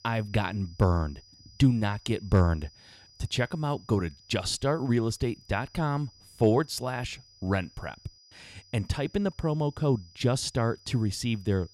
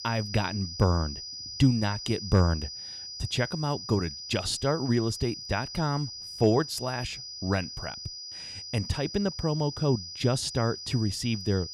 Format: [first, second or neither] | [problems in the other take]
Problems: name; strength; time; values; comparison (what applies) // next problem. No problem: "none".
first | high-pitched whine; loud; throughout; 5 kHz, 9 dB below the speech; faint in the first